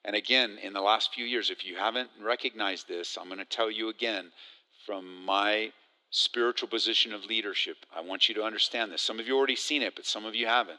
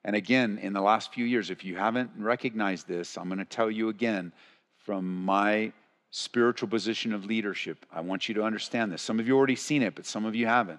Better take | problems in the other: second | thin; somewhat; fading below 300 Hz

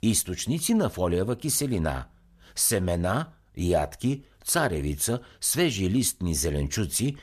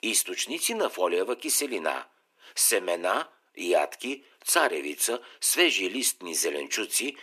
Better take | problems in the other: first | thin; very; fading below 300 Hz

